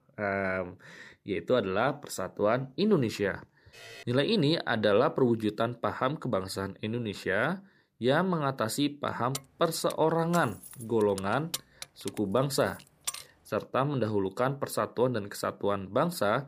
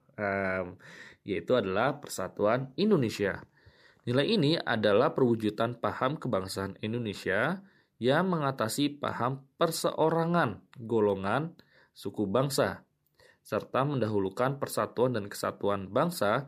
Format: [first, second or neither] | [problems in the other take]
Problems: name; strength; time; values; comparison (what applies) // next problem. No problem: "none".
second | alarm; faint; at 3.5 s; peak 15 dB below the speech // jangling keys; noticeable; from 9.5 to 13 s; peak 7 dB below the speech